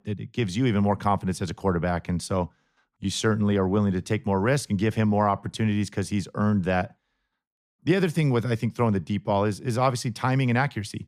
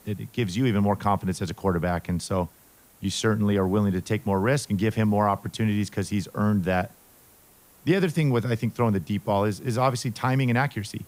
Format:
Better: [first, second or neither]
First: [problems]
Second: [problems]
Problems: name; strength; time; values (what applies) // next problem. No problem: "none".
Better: first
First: none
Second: hiss; faint; throughout; 25 dB below the speech